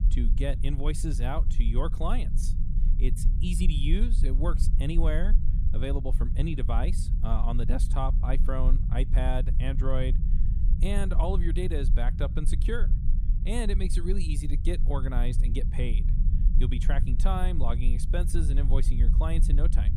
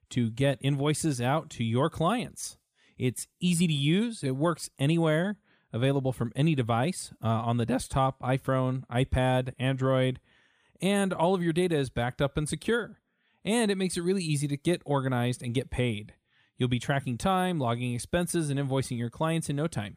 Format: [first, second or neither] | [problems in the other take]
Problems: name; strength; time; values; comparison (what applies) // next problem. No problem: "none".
second | low rumble; loud; throughout; 10 dB below the speech